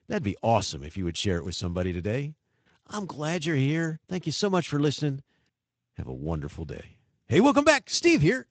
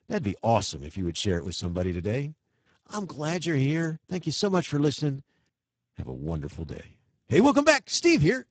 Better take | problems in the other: first | garbled, watery; badly; nothing above 8 kHz; slightly in the first

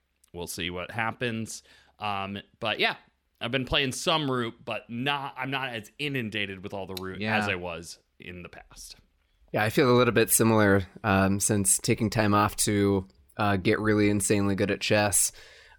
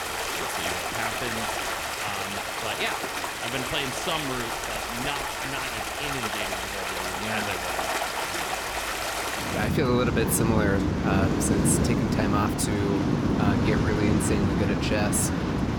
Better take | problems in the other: first | rain or running water; very loud; throughout; 3 dB above the speech

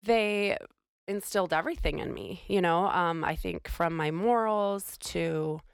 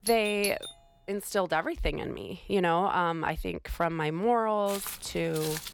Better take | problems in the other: first | doorbell; noticeable; at the start; peak 6 dB below the speech // footsteps; noticeable; from 4.5 s on; peak 7 dB below the speech

